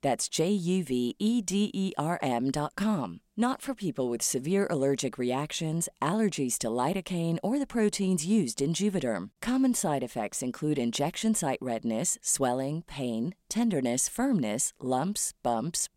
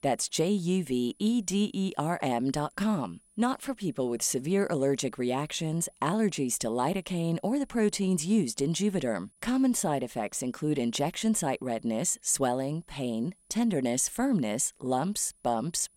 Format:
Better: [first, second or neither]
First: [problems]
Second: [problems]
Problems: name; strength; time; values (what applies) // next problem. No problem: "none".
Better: first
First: none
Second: high-pitched whine; faint; throughout; 10 kHz, 35 dB below the speech